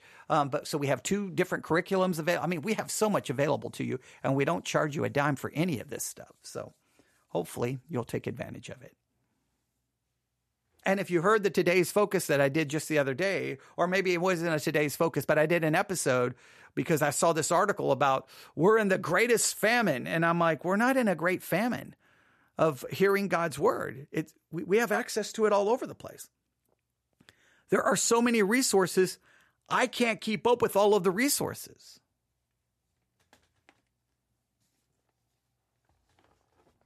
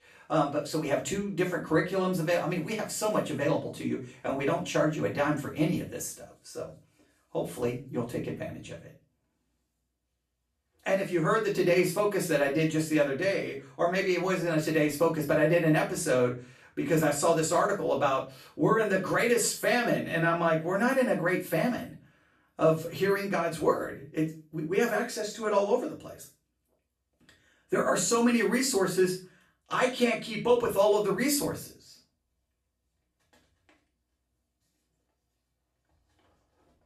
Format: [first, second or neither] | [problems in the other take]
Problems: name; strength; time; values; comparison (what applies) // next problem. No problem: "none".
first | room echo; slight; dies away in 0.3 s // off-mic speech; far